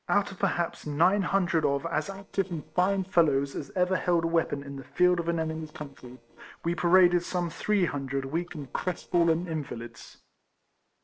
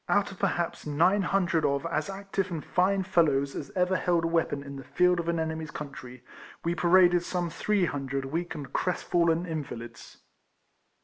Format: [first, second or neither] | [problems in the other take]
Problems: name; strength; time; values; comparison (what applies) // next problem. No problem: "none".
second | noise reduction (neural separator model SepFormer DNS4)